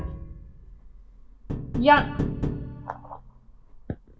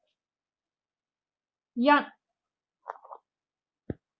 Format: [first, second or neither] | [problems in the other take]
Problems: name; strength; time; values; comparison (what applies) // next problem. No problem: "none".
second | background sound (Tap); 5 dB below the speech // room echo; dies away in 1.9 s